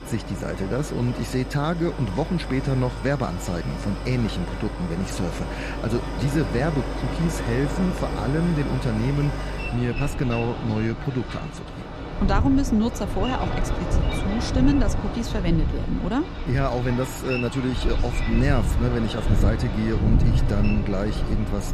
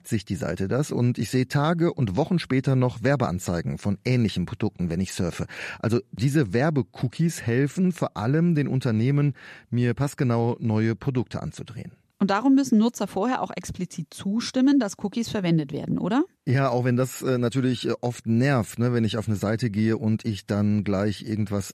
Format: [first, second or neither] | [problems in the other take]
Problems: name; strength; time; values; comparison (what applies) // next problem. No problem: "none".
second | train or aircraft noise; loud; throughout; 3 dB below the speech